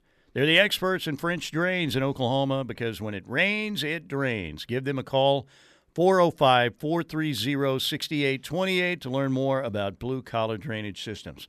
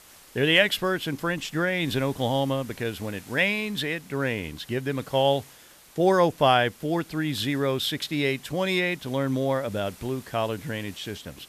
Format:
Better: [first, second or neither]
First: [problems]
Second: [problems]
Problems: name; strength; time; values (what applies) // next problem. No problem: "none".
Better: first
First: none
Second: hiss; faint; throughout; 25 dB below the speech